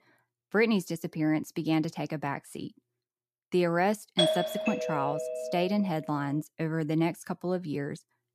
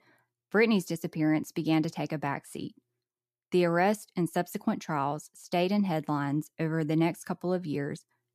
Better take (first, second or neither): second